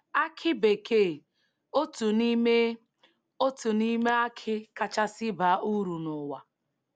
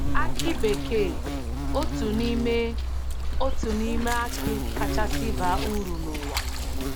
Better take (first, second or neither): first